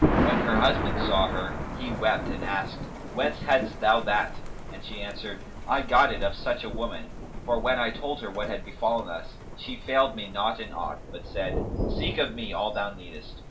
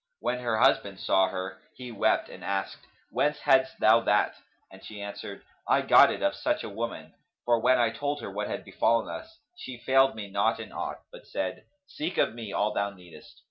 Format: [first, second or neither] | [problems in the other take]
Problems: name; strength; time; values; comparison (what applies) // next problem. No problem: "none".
second | background sound (Thunder); 3 dB below the speech // room echo; dies away in 0.2 s